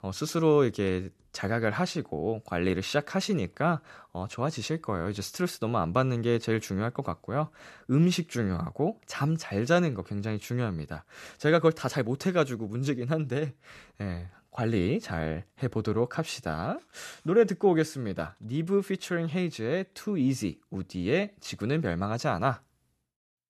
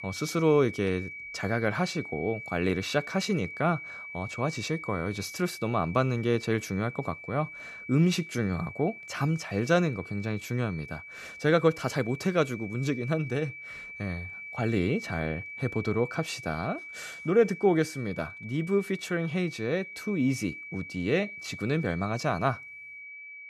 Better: first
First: none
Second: high-pitched whine; noticeable; throughout; 2.5 kHz, 10 dB below the speech

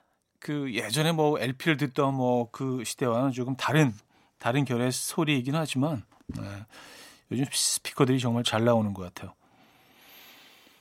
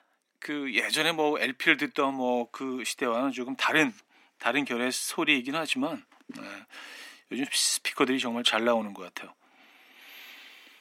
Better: first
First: none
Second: thin; very slightly; fading below 250 Hz

